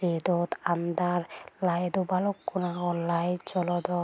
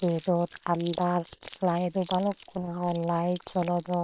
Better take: first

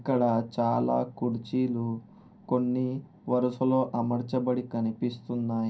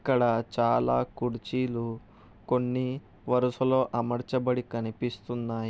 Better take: second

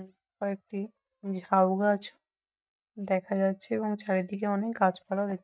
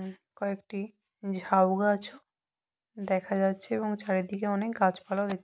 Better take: second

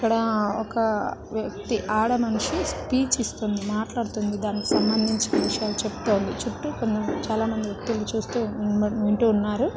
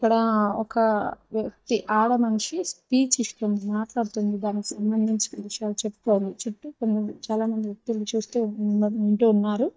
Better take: first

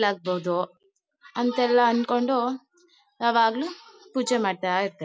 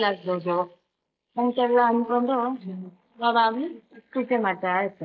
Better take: first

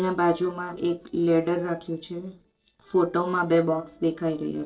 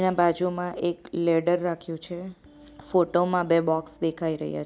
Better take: second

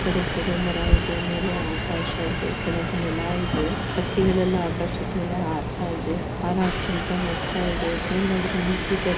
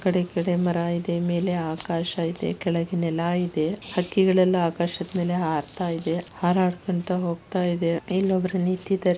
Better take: second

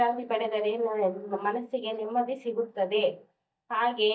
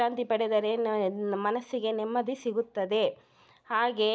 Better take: second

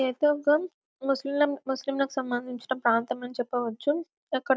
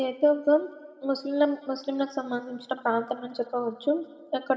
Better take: first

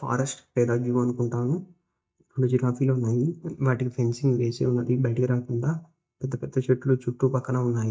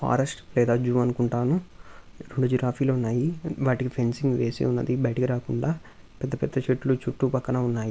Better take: second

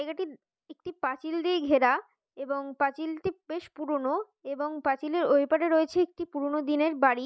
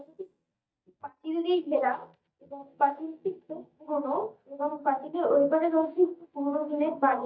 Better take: first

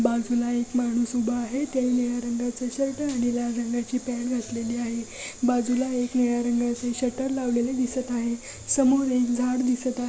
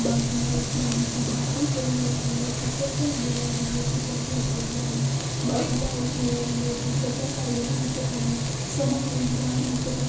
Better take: first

